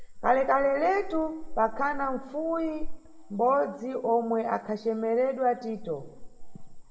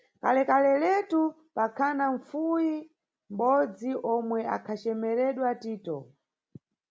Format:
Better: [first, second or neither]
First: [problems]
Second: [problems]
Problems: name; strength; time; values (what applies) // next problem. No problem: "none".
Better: second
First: background sound (Cricket / Frog); 10 dB below the speech // room echo; dies away in 1.5 s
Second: none